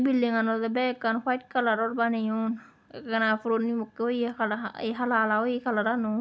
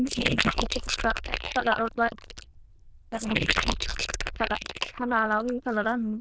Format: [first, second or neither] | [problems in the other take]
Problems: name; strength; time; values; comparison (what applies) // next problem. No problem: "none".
first | noise reduction (neural diffusion model UNIVERSE++)